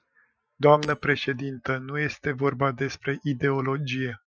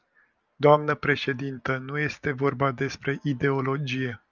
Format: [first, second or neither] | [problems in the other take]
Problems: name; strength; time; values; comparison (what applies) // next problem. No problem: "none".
second | noise reduction (classical method Wiener filter)